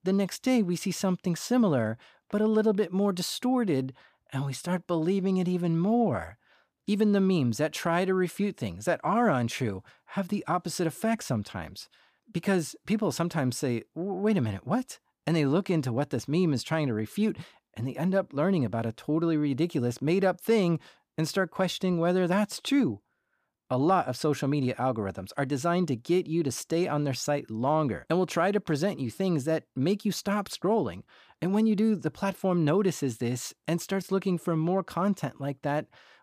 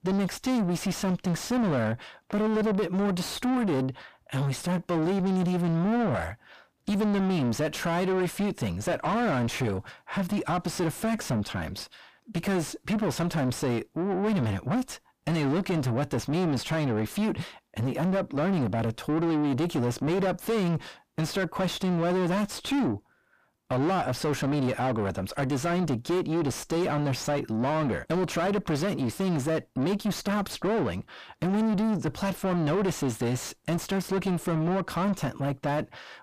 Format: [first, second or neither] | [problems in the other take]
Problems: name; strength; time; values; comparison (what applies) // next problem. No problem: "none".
first | distortion; heavy; 6 dB below the speech